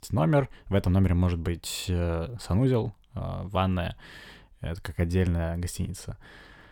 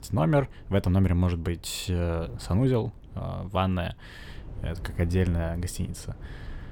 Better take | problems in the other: first | wind noise on the microphone; occasional gusts; 25 dB below the speech

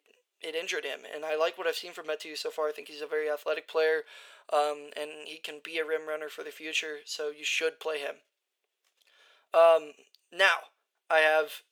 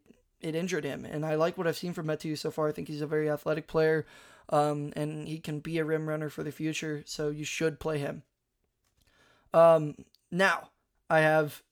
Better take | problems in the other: second | thin; very; fading below 450 Hz

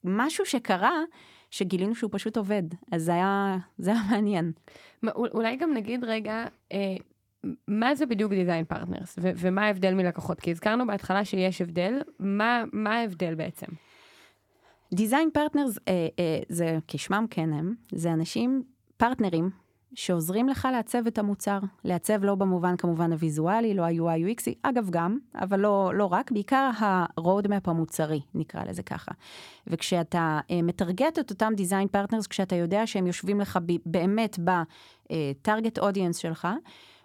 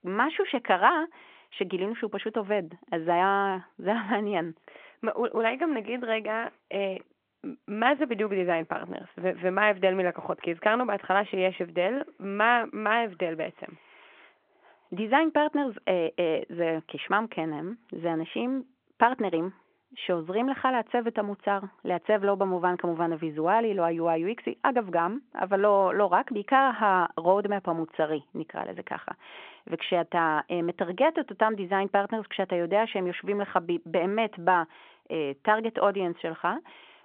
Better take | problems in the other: first | phone-call audio

